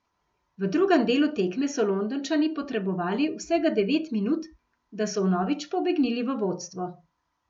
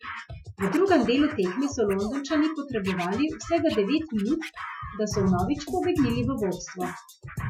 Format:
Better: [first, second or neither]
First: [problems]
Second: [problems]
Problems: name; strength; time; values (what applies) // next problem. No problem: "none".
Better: first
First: none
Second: noise reduction (classical method Wiener filter)